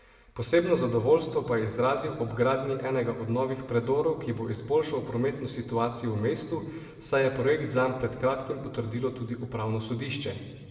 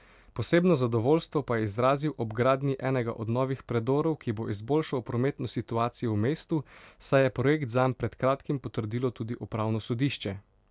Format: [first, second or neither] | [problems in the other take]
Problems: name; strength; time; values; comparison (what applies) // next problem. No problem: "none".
second | room echo; dies away in 1.6 s